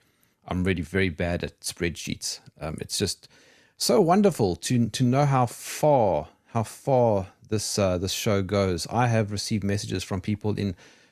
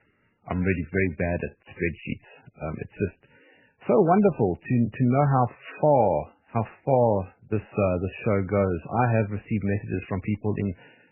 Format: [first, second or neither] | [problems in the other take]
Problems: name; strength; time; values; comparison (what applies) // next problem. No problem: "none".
first | garbled, watery; badly; nothing above 2.5 kHz